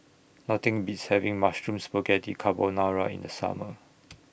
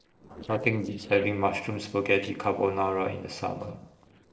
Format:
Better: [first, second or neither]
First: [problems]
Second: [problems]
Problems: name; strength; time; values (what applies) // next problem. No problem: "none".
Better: first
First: none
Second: noise reduction (neural separator model SepFormer DNS4)